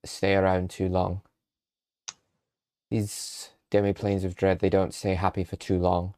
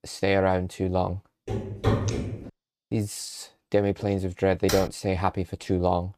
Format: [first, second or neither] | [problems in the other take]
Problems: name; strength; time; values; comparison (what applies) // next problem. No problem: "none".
first | footsteps; loud; at 1.5 s; peak 1 dB above the speech // keyboard typing; noticeable; at 4.5 s; peak 5 dB below the speech